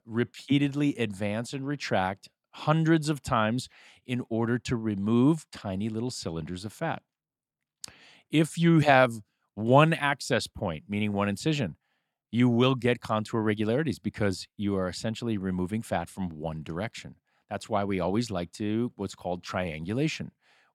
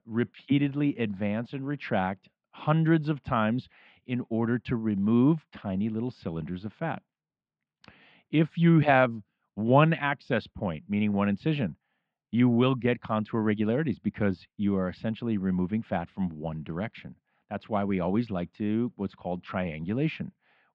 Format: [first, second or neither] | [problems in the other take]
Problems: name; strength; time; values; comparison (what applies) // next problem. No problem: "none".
first | muffled; very; fading above 3 kHz